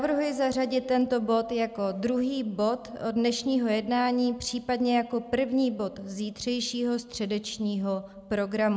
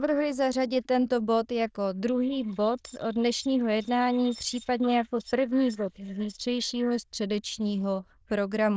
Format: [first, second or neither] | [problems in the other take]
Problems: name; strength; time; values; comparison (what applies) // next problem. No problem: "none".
first | noise reduction (neural diffusion model UNIVERSE++)